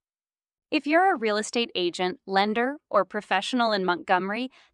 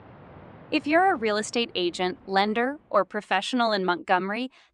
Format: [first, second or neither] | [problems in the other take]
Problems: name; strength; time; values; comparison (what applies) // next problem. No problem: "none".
first | train or aircraft noise; faint; until 3 s; 25 dB below the speech